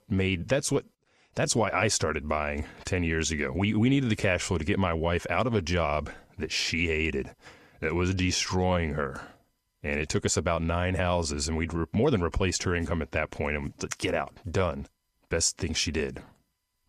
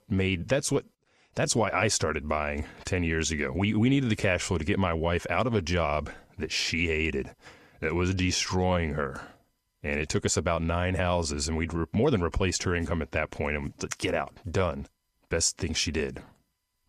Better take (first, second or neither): neither